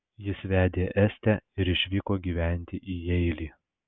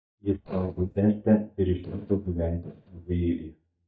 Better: first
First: none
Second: noise reduction (neural mask model DeepFilterNet 3)

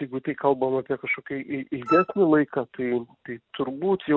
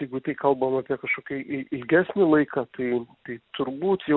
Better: second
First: noise reduction (neural mask model RNNoise)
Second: none

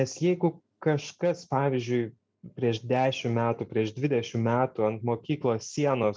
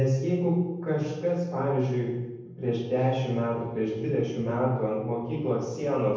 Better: first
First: none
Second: room echo; dies away in 1.1 s

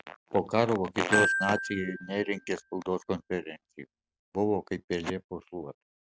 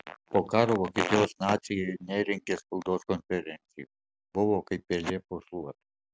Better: second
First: background sound (Glockenspiel); 3 dB below the speech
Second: none

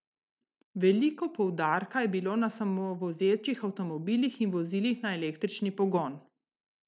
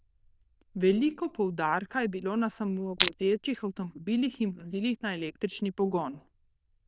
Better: first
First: none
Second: noise reduction (neural diffusion model UNIVERSE++)

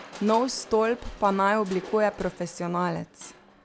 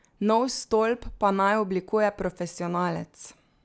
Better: second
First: background sound (Crushing); 19 dB below the speech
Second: none

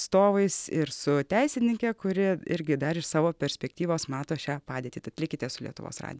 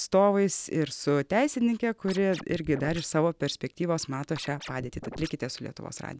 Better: first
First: none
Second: background sound (Scratching (performance technique)); 14 dB below the speech

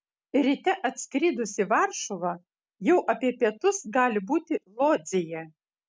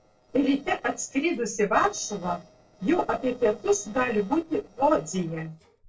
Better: first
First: none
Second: noise reduction (neural separator model SepFormer DNS4)

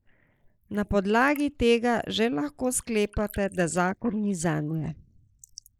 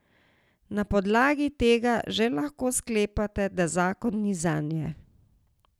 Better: second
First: noise reduction (neural mask model Resemble Enhance denoiser)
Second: none

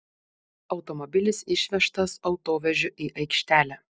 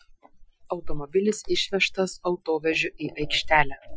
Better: first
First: none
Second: noise reduction (classical method Wiener filter)

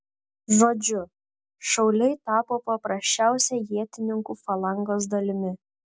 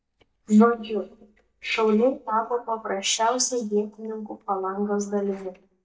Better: first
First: none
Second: noise reduction (neural mask model DeepFilterNet 3)

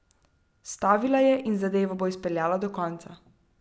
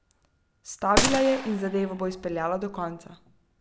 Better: first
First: none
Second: background sound (Gunshot, gunfire); 2 dB below the speech

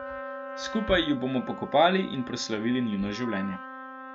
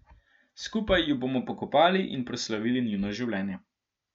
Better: second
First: background sound (Trumpet + Chink, clink); 12 dB below the speech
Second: none

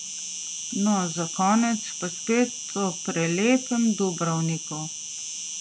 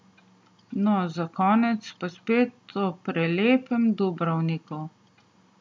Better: second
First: background sound (Insect); 8 dB below the speech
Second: none

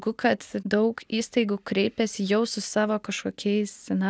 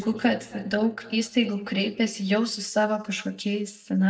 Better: first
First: none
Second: noise reduction (neural mask model DeepFilterNet 3)

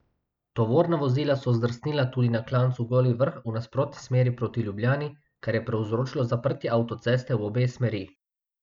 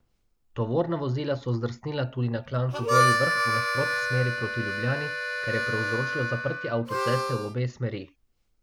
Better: first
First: none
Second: background sound (Harmonica); as loud as the speech

